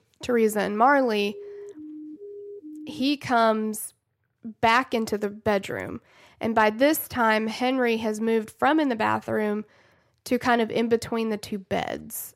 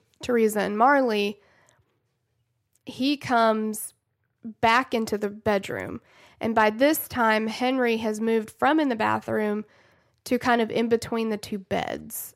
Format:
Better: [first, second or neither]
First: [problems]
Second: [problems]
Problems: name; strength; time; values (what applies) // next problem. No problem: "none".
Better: second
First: siren; faint; from 1.5 to 3 s; peak 15 dB below the speech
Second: none